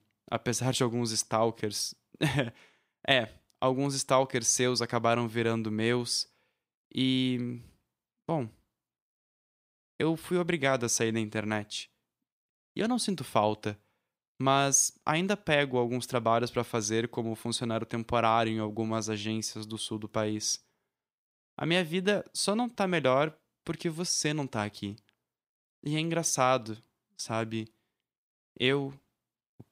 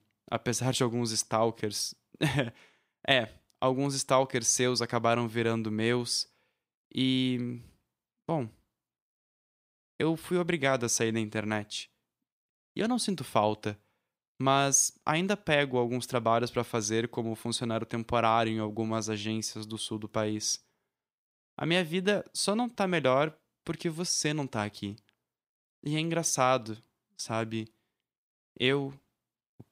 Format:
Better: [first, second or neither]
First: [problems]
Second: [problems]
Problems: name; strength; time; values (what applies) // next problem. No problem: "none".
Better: neither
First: none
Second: none